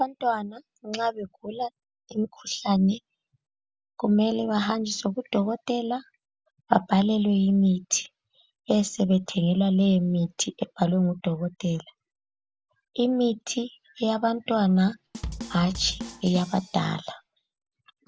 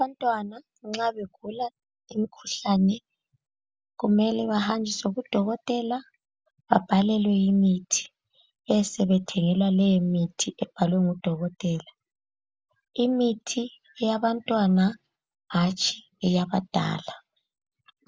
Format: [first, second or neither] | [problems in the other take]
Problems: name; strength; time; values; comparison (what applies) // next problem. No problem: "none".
second | background sound (Drum kit); 12 dB below the speech